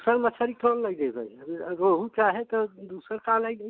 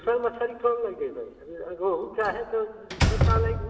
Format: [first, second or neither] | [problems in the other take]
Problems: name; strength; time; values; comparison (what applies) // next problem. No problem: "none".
first | background sound (Slam); 1 dB below the speech // room echo; dies away in 2.6 s